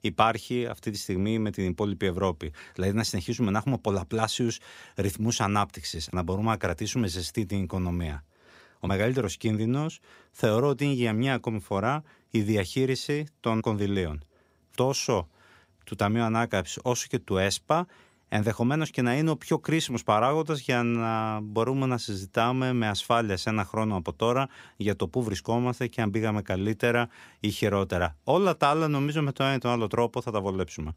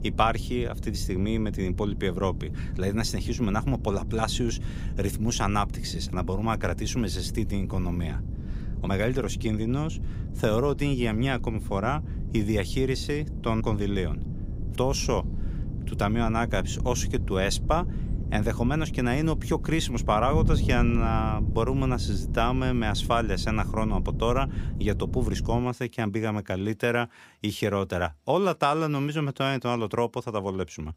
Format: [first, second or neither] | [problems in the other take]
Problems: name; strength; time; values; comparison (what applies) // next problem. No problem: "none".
first | wind noise on the microphone; occasional gusts; until 26 s; 15 dB below the speech